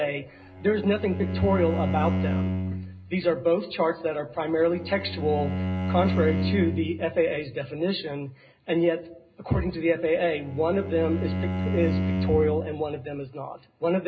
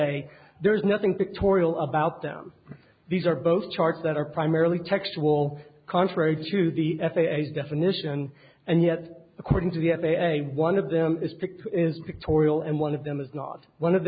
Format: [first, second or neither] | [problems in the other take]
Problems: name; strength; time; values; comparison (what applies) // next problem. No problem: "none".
second | background sound (Bowed string instrument); 2 dB below the speech // room echo; dies away in 0.2 s